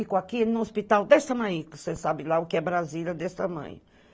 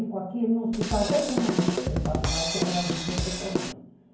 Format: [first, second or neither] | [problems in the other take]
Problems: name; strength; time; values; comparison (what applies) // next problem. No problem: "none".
first | background sound (Drum kit); 1 dB above the speech // room echo; dies away in 0.9 s